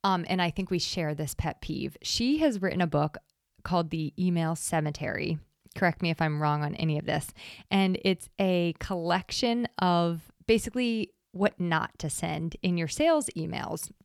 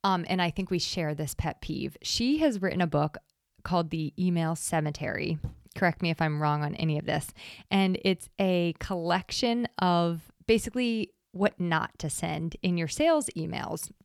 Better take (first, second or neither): first